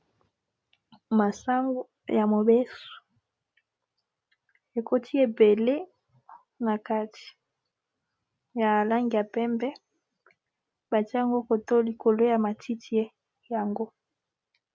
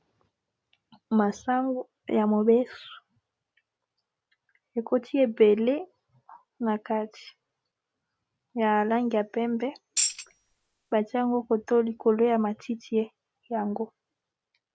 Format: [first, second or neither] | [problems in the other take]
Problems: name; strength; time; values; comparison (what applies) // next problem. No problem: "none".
first | background sound (Tambourine); 3 dB below the speech